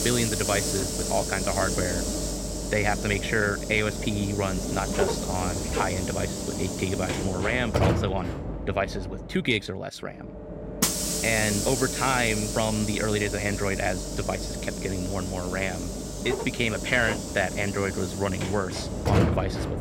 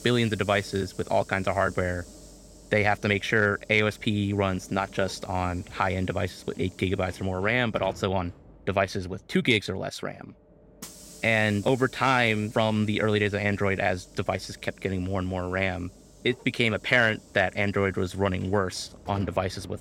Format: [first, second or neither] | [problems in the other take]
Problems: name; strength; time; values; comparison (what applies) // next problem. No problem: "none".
second | hiss; loud; throughout; 1 dB below the speech; faint in the second